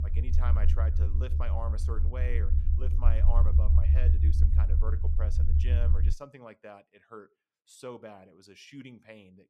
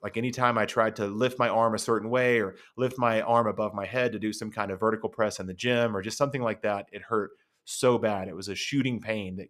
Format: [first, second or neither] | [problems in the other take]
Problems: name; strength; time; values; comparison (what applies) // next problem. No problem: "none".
second | low rumble; loud; until 6 s; 2 dB below the speech